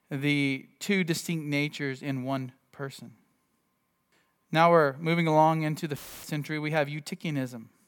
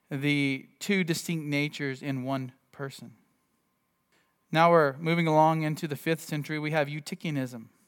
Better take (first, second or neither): second